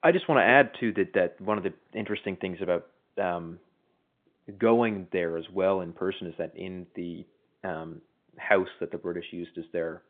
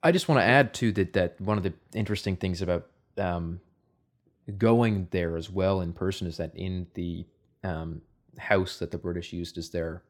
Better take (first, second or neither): second